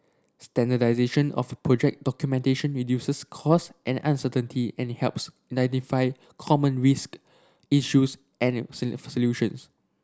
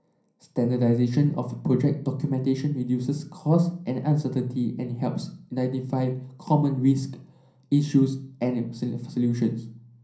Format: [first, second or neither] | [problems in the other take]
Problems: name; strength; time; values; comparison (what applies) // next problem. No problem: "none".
first | room echo; dies away in 0.6 s